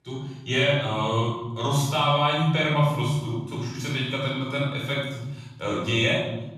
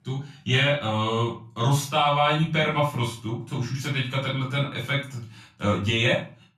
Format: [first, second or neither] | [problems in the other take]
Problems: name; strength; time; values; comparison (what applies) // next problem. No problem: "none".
second | room echo; strong; dies away in 1.2 s; slight in the second // off-mic speech; far; far in the second